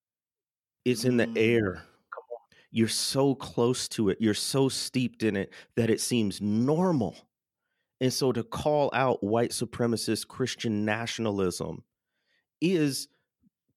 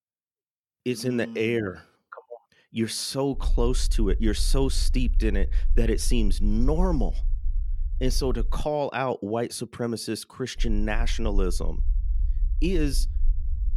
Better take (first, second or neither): first